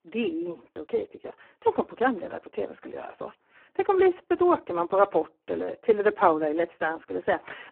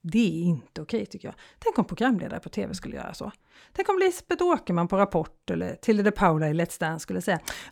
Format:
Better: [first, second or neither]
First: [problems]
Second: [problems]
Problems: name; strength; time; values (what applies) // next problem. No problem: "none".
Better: second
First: phone-call audio; poor line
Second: none